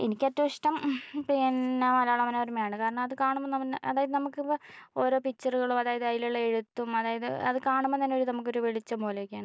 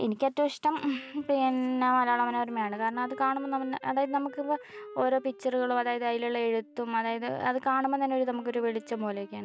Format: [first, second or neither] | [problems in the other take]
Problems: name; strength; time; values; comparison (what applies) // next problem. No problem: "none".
first | background sound (Wind instrument, woodwind instrument); 20 dB below the speech